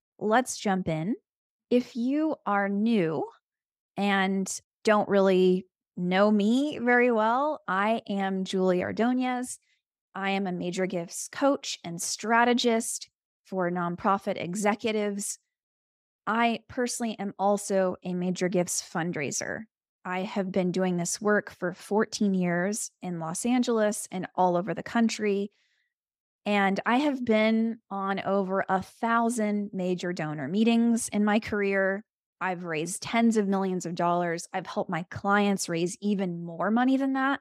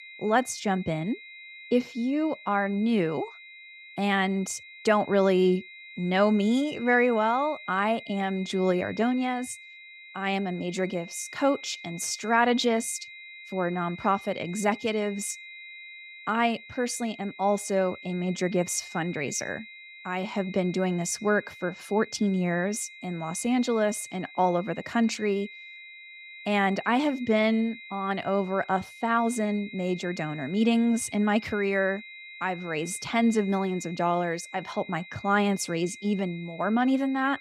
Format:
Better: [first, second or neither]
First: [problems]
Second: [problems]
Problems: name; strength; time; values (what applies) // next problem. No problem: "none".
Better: first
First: none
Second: high-pitched whine; noticeable; throughout; 2 kHz, 15 dB below the speech